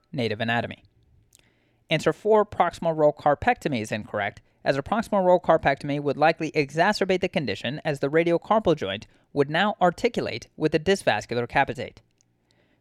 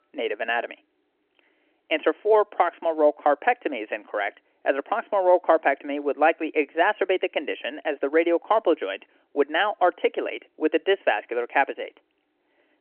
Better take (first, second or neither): first